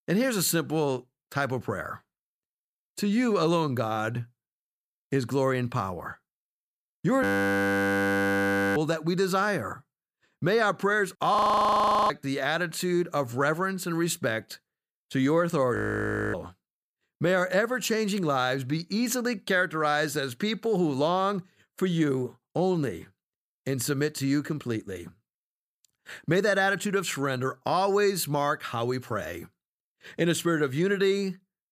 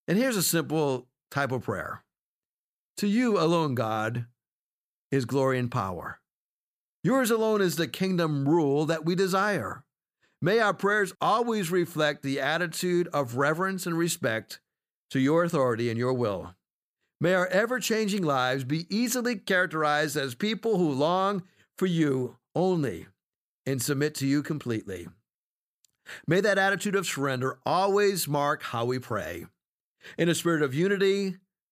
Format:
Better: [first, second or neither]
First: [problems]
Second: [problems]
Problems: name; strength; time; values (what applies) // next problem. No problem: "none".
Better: second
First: audio freezing; at 7 s for 1.5 s, at 11 s for 1 s and at 16 s for 0.5 s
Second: none